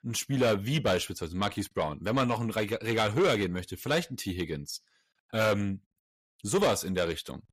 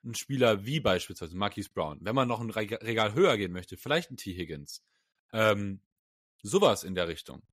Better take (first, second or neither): second